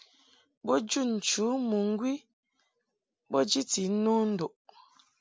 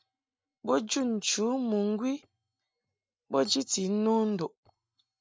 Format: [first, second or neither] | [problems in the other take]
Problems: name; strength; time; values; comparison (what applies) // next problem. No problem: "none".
first | noise reduction (neural mask model DeepFilterNet 3)